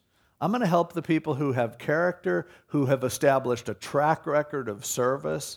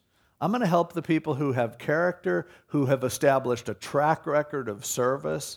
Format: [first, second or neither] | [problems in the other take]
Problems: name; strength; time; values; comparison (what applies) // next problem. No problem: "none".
neither | none